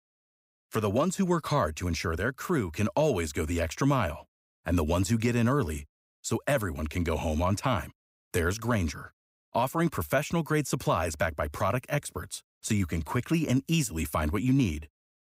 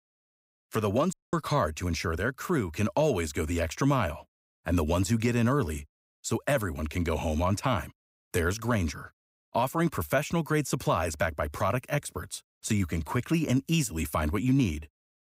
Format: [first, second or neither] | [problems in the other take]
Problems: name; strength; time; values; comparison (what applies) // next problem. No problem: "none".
first | audio cutting out; at 1 s